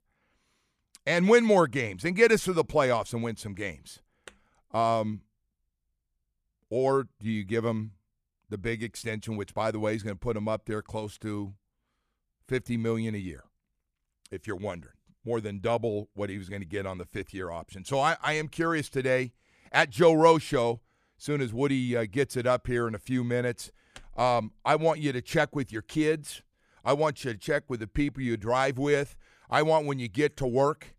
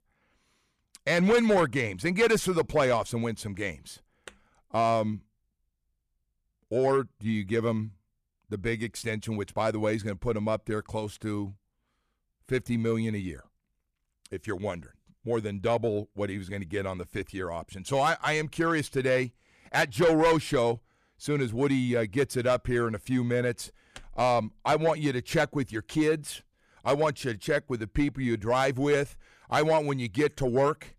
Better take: first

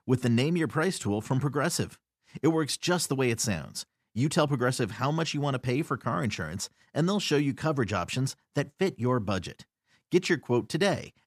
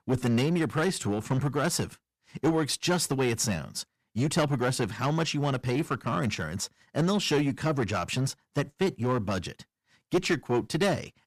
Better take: first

